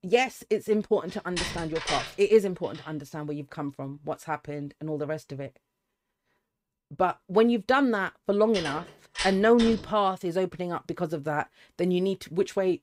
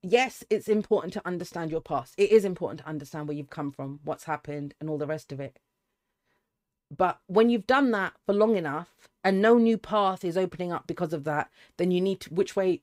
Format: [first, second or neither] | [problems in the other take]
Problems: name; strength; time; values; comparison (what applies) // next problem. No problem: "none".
second | door banging; noticeable; from 1 to 10 s; peak 3 dB below the speech